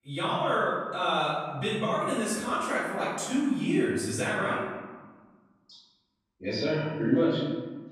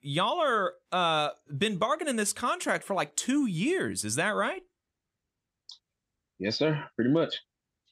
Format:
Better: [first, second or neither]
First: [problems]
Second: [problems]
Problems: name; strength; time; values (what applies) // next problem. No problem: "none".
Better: second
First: off-mic speech; far // room echo; strong; dies away in 1.4 s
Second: none